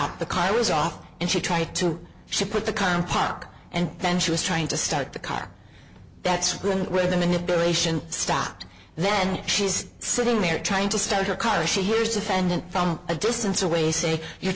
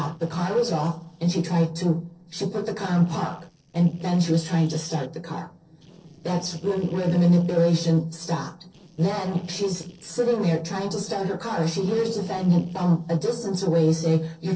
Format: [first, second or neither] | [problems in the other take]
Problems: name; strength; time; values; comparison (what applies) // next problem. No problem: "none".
first | noise reduction (neural separator model SepFormer DNS4)